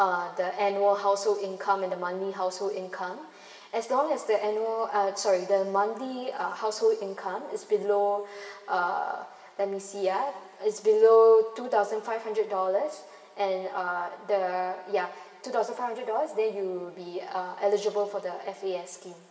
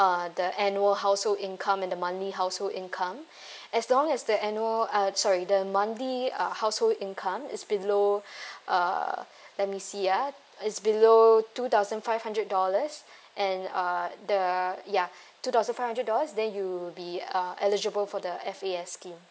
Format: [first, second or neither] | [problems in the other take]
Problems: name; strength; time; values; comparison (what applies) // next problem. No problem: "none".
second | room echo; dies away in 1.8 s